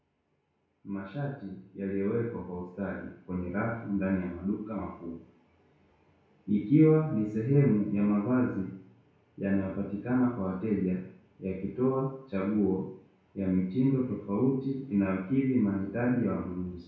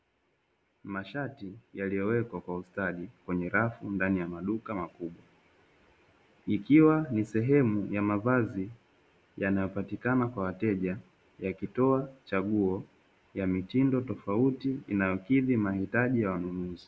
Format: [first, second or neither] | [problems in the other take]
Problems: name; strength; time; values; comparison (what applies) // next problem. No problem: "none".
second | room echo; dies away in 0.6 s